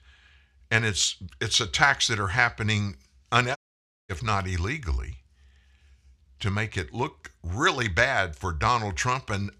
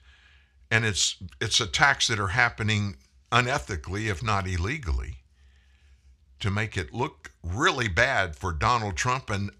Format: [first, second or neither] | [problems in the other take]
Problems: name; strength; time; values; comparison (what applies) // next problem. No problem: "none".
second | audio cutting out; at 3.5 s for 0.5 s